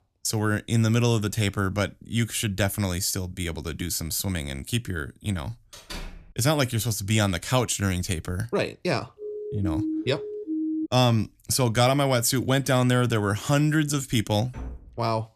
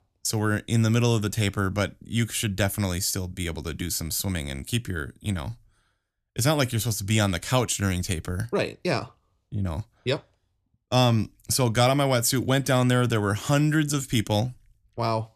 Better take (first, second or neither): second